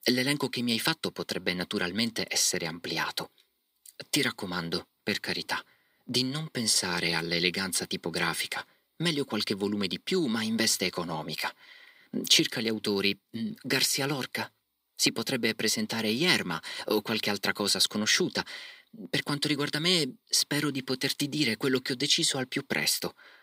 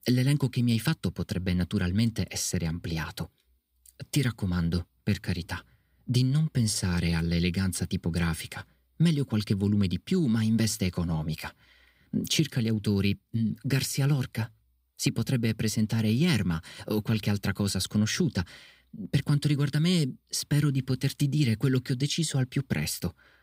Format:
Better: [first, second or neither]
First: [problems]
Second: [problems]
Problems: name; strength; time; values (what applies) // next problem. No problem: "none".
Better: second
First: thin; somewhat; fading below 400 Hz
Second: none